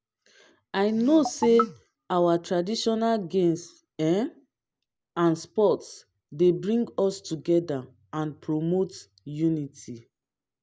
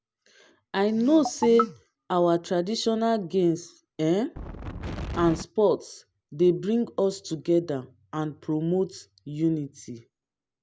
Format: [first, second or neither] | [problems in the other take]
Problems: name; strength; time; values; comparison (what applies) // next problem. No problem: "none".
first | background sound (Wind); 8 dB below the speech